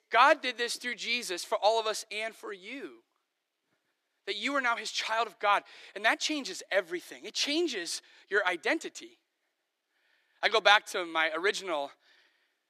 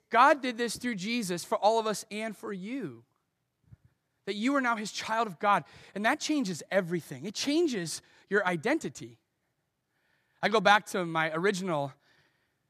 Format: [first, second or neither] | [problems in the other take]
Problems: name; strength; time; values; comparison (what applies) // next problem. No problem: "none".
second | thin; somewhat; fading below 350 Hz